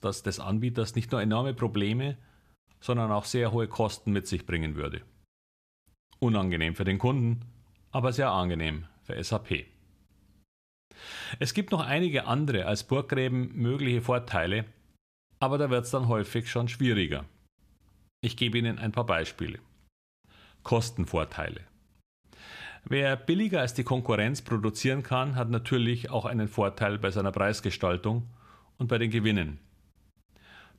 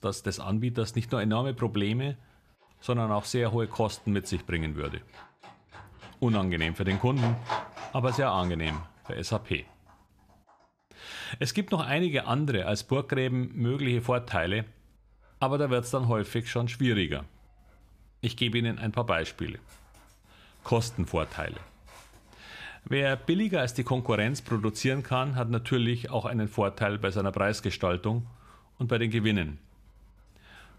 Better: first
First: none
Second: animal sounds; noticeable; throughout; 15 dB below the speech

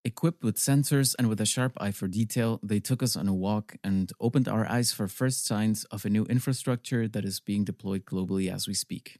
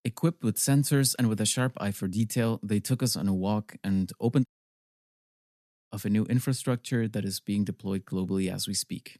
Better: first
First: none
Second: audio cutting out; at 4.5 s for 1.5 s

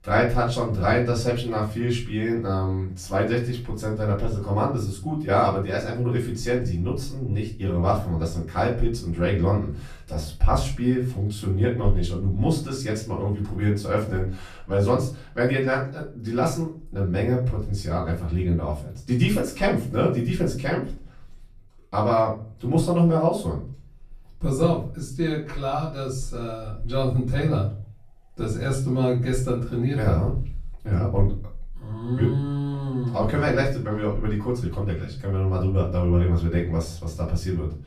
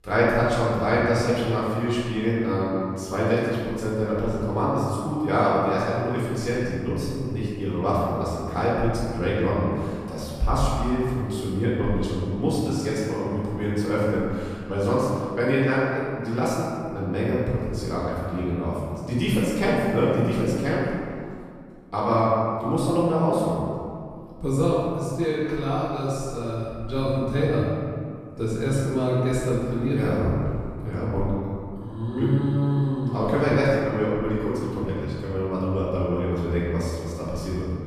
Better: first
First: room echo; slight; dies away in 0.4 s // off-mic speech; far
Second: room echo; strong; dies away in 2 s // off-mic speech; far

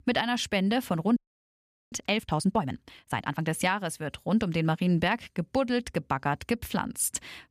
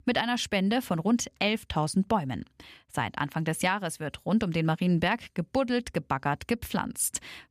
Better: second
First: audio freezing; at 1 s for 1 s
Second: none

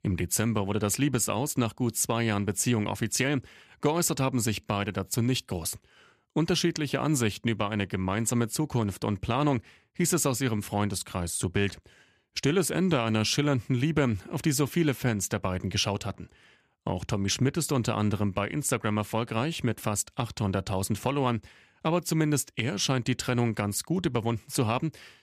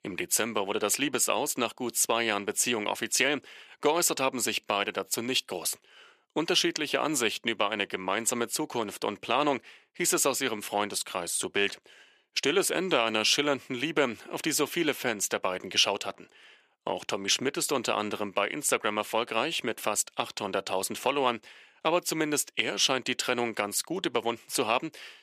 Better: first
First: none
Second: thin; somewhat; fading below 450 Hz

